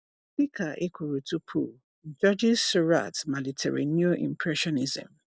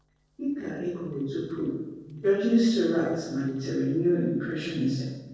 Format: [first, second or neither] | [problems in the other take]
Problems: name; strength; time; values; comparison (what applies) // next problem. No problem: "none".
first | noise reduction (neural separator model SepFormer DNS4)